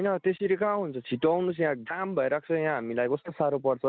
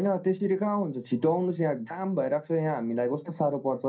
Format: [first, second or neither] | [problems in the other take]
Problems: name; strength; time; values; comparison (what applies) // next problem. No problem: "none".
first | room echo; dies away in 0.3 s